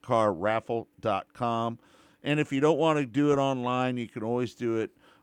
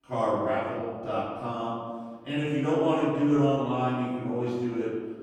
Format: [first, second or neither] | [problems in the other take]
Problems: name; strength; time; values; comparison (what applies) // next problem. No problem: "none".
first | off-mic speech; far // room echo; strong; dies away in 1.5 s